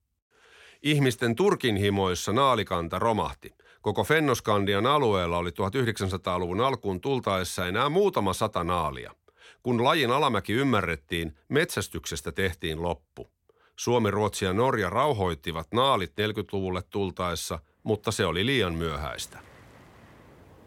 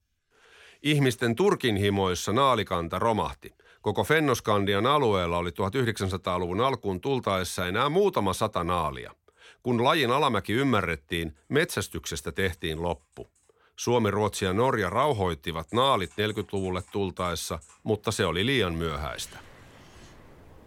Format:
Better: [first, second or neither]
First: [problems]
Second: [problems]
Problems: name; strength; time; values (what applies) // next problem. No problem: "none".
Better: first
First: none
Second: household noises; faint; throughout; 30 dB below the speech